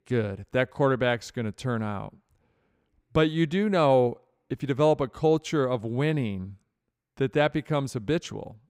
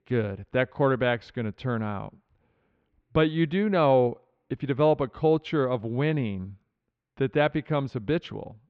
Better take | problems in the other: first | muffled; slightly; fading above 3.5 kHz

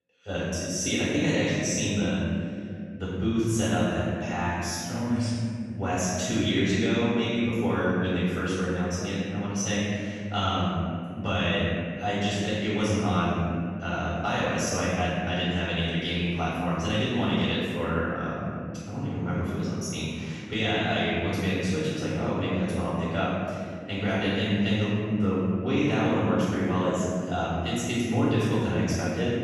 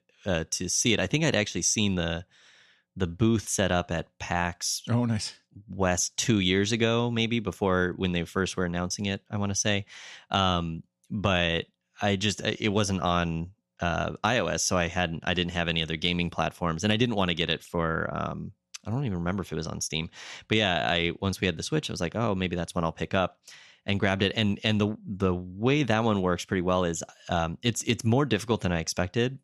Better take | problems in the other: second | off-mic speech; far // room echo; strong; dies away in 2.5 s

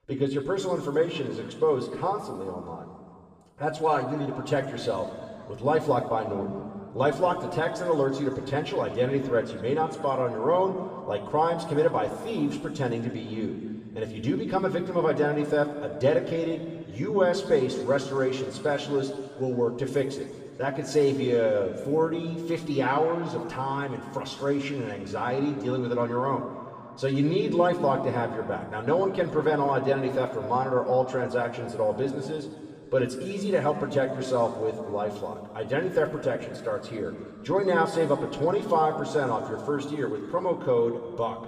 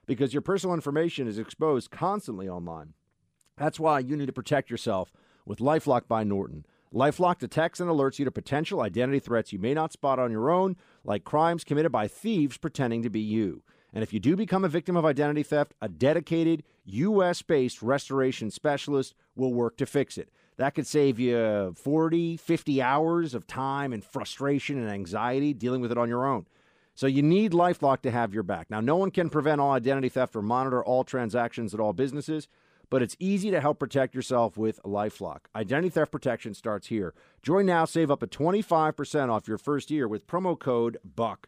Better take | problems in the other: second | room echo; noticeable; dies away in 2 s // off-mic speech; somewhat distant

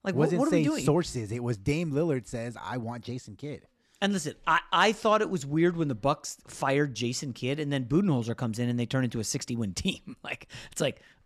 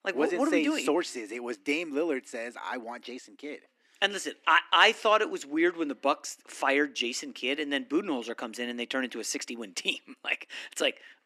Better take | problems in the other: first | thin; somewhat; fading below 250 Hz

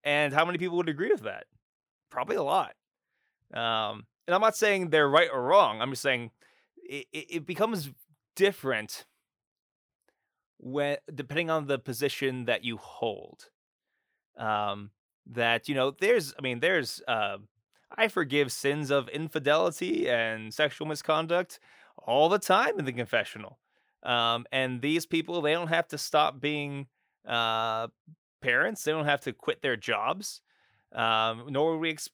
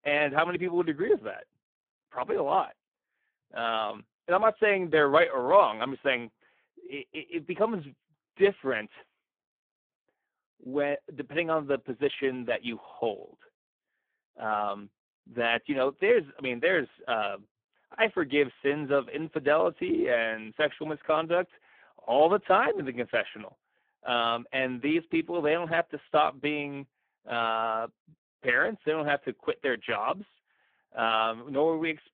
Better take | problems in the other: first | phone-call audio; poor line

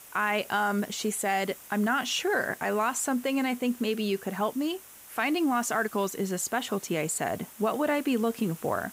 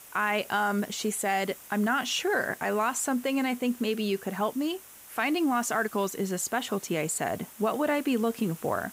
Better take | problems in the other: neither | hiss; noticeable; throughout; 15 dB below the speech; the same in both

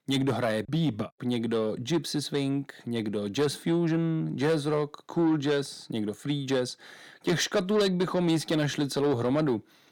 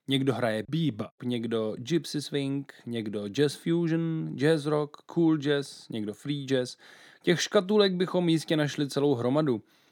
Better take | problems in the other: second | distortion; slight; 10 dB below the speech

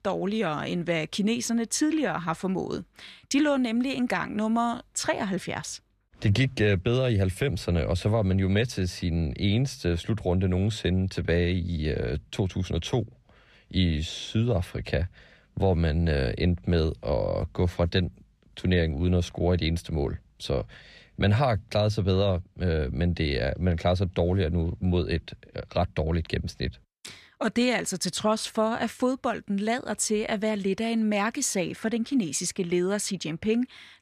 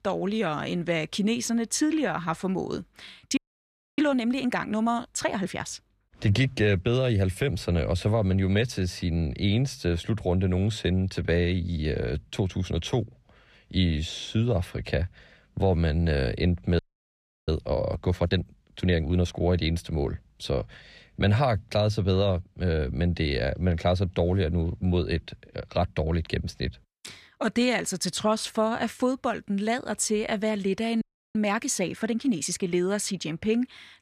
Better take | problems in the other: first | audio freezing; at 3.5 s for 0.5 s, at 17 s for 0.5 s and at 31 s

